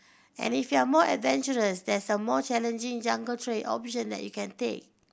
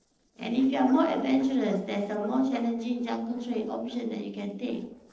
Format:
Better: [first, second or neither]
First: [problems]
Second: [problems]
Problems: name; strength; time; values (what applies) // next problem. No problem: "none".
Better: first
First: none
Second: noise reduction (neural separator model SepFormer DNS4)